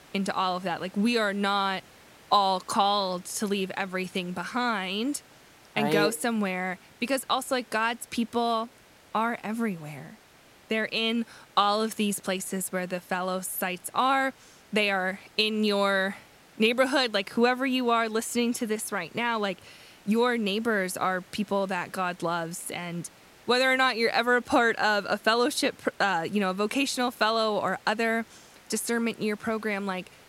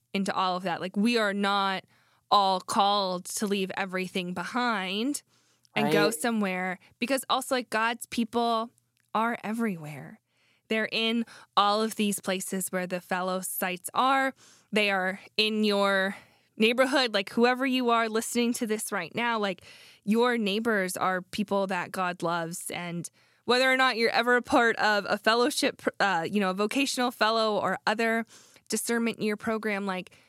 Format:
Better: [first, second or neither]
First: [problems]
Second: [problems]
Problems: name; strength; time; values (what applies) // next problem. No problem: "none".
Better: second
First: hiss; faint; throughout; 25 dB below the speech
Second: none